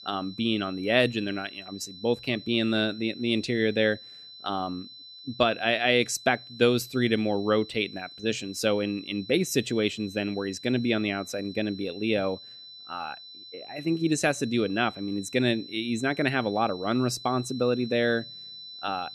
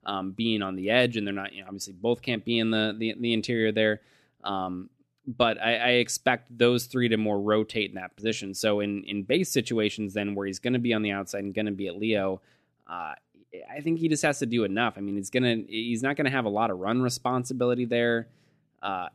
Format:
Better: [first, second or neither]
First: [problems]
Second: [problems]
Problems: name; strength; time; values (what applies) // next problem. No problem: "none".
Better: second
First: high-pitched whine; noticeable; throughout; 4 kHz, 15 dB below the speech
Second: none